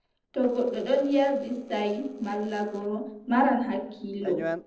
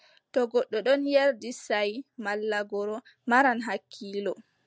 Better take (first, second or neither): second